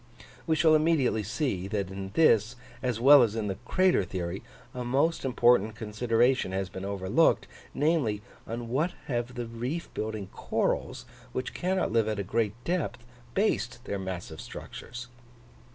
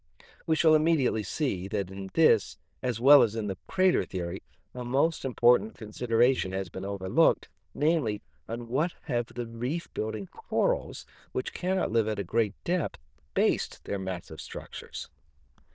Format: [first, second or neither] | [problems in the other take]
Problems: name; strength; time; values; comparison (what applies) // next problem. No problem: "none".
first | noise reduction (neural diffusion model UNIVERSE++)